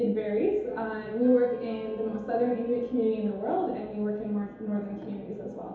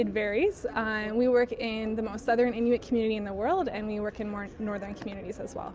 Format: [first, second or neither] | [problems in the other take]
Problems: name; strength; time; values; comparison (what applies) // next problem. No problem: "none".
second | background sound (Wind instrument, woodwind instrument); 20 dB below the speech // room echo; dies away in 2.2 s